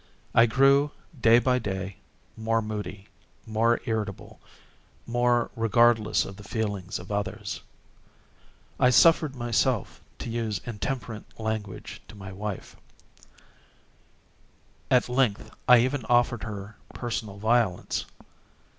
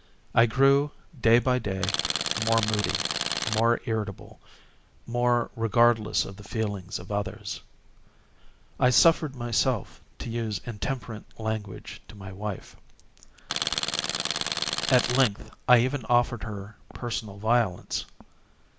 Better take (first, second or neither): first